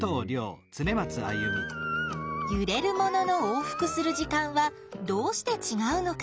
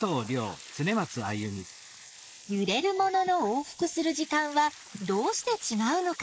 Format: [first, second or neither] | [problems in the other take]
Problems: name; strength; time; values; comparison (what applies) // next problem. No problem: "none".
first | noise reduction (neural mask model Resemble Enhance denoiser)